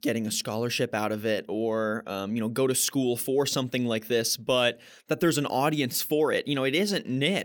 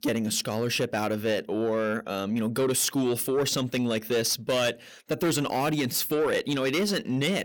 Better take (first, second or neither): first